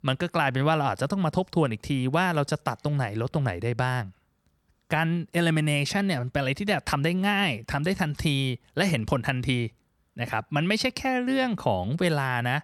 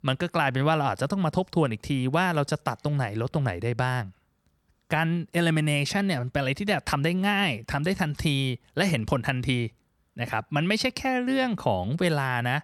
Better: neither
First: none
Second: none

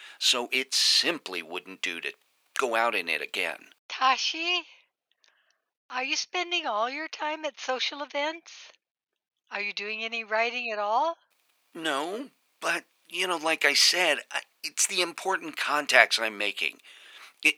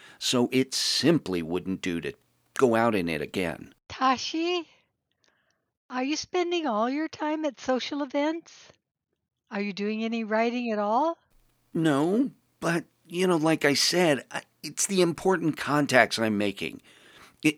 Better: second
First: thin; very; fading below 700 Hz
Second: none

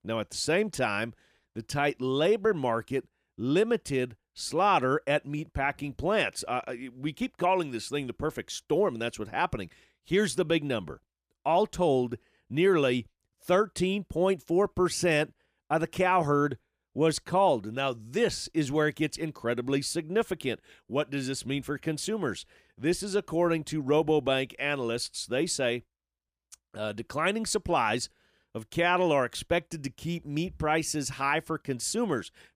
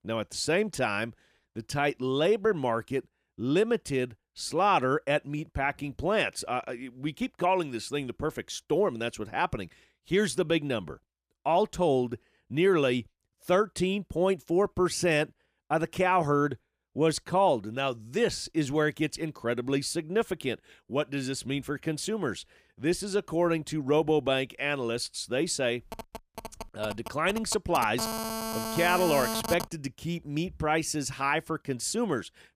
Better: first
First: none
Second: phone ringing; noticeable; from 26 to 30 s; peak 2 dB below the speech

